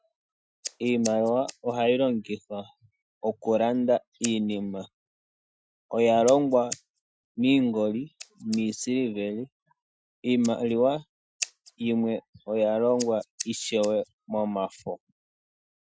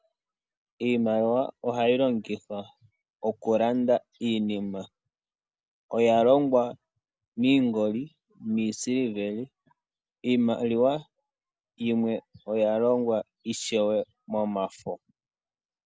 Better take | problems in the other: second | noise reduction (classical method Wiener filter)

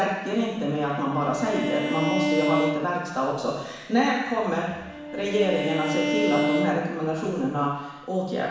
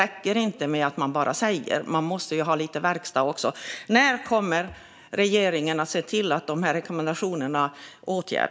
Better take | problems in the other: second | background sound (Bowed string instrument); 4 dB below the speech // room echo; dies away in 1.1 s

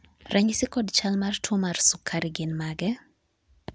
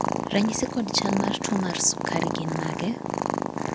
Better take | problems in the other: first | background sound (Purr); 1 dB below the speech

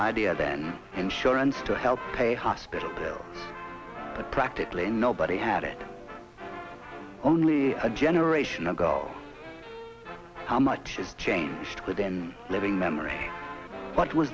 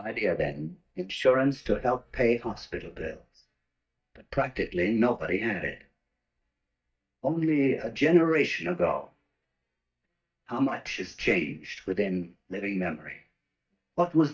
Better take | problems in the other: first | noise reduction (neural mask model DeepFilterNet 3)

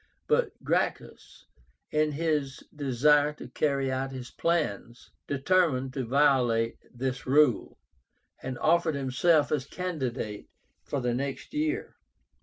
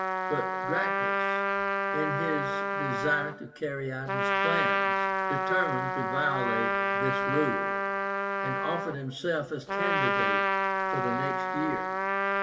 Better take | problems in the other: first | background sound (Trumpet); 5 dB above the speech // room echo; dies away in 1.6 s

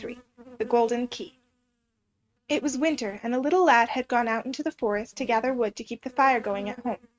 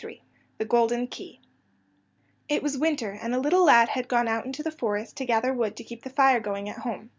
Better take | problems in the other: second | noise reduction (neural mask model RNNoise)

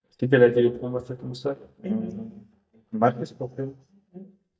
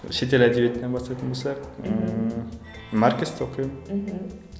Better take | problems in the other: second | noise reduction (neural mask model DeepFilterNet 3)

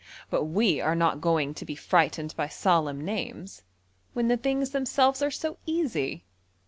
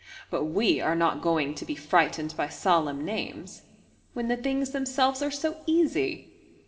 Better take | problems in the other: first | room echo; dies away in 2.6 s

